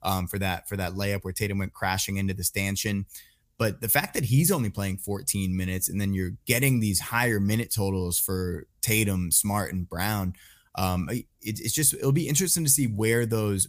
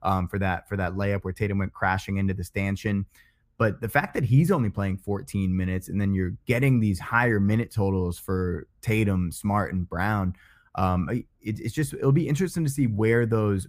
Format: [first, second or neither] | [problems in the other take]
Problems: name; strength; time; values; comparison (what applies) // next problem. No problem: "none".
first | muffled; very; fading above 3 kHz